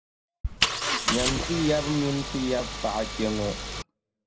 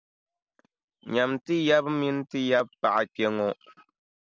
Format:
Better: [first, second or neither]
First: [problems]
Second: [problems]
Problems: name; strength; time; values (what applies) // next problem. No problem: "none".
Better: second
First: background sound (Engine); 1 dB below the speech // room echo; dies away in 0.4 s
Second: none